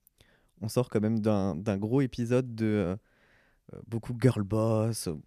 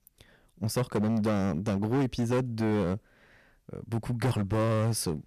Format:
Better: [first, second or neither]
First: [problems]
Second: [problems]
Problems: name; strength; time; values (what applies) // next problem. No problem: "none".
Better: first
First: none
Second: distortion; heavy; 15% of the sound clipped